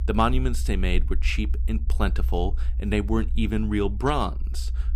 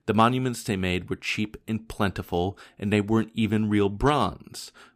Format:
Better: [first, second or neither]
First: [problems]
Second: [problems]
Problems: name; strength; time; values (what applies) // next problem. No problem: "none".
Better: second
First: low rumble; faint; throughout; 20 dB below the speech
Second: none